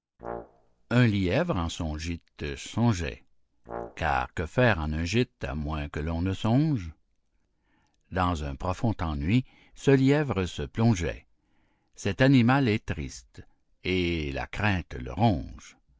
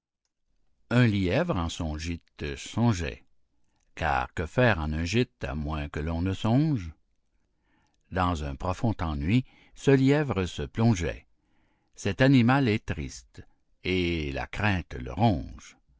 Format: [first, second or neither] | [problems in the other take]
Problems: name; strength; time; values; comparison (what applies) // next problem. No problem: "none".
second | background sound (Brass instrument); 17 dB below the speech